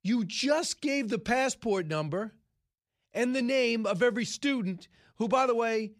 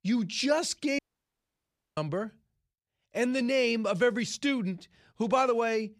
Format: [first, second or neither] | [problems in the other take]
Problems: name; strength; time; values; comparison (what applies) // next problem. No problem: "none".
first | audio cutting out; at 1 s for 1 s